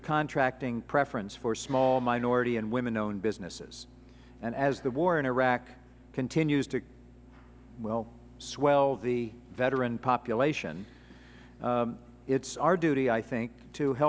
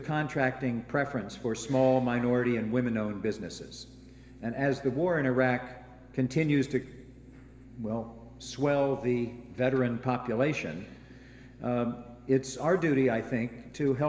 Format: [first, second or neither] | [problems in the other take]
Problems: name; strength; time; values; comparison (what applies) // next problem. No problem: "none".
first | room echo; dies away in 2.4 s